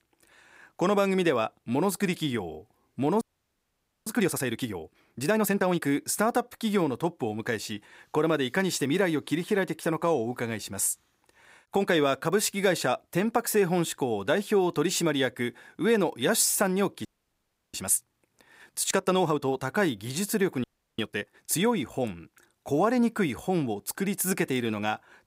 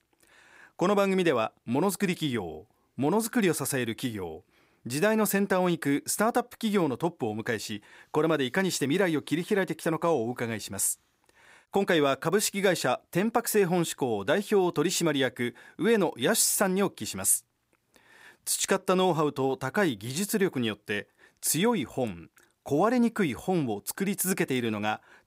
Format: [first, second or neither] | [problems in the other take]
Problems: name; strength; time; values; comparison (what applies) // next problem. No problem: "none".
second | audio freezing; at 3 s for 1 s, at 17 s for 0.5 s and at 21 s